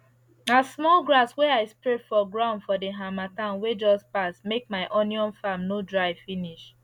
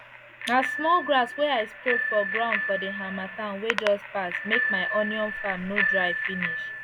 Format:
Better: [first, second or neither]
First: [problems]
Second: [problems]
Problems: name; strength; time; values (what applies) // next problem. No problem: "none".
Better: first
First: none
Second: background sound (Bicycle bell); 2 dB below the speech